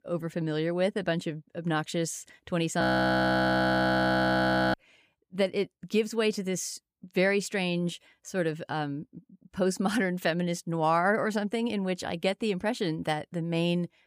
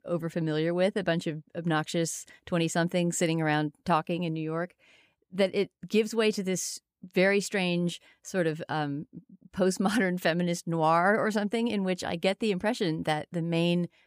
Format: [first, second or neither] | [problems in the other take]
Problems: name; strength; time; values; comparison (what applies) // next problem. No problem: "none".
second | audio freezing; at 3 s for 2 s